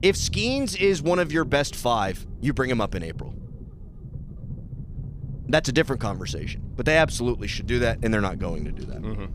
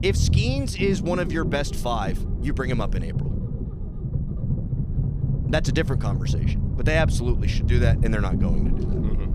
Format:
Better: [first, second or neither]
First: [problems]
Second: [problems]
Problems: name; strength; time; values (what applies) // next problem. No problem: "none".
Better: first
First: low rumble; faint; throughout; 25 dB below the speech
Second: low rumble; loud; throughout; 9 dB below the speech